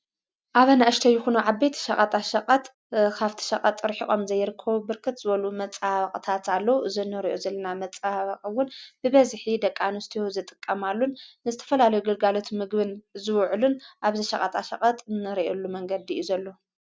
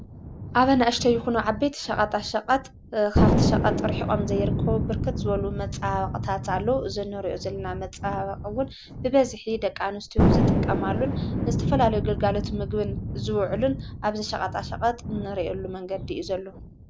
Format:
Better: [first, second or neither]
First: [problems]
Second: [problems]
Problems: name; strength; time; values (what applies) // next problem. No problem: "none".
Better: first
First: none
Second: background sound (Thunder); 1 dB below the speech